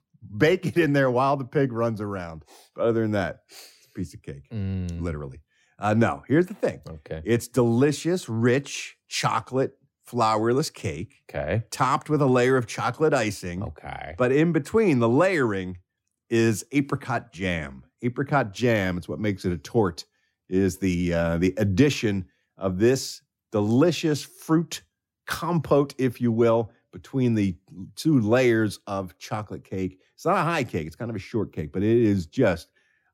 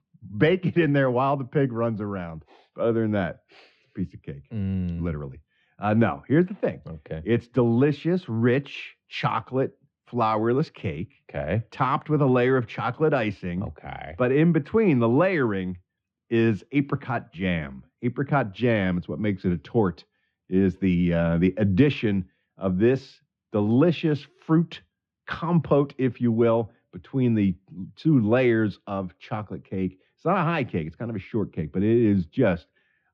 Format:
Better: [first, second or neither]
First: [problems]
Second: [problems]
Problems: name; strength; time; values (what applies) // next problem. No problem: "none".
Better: first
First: none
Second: muffled; slightly; fading above 3 kHz